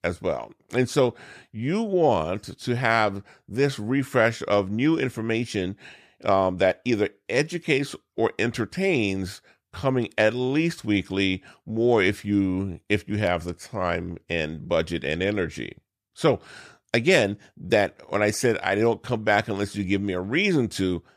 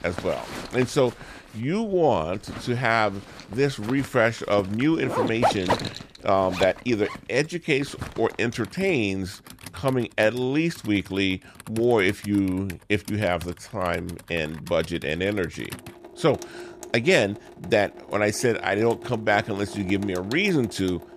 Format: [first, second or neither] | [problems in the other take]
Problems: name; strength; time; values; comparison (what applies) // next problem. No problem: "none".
first | household noises; noticeable; throughout; 10 dB below the speech